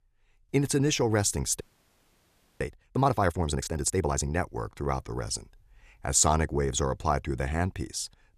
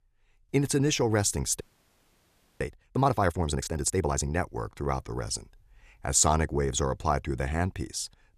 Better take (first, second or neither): neither